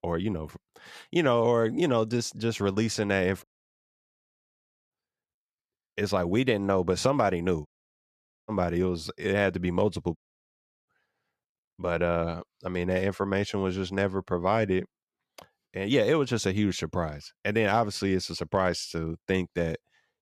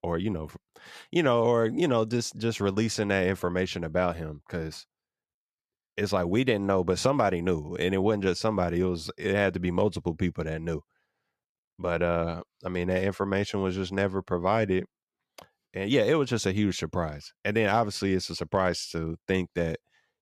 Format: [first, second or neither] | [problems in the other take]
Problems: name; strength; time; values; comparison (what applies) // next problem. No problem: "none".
second | audio cutting out; at 3.5 s for 1.5 s, at 7.5 s for 1 s and at 10 s for 0.5 s